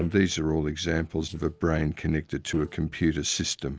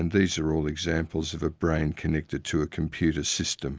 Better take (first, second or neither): second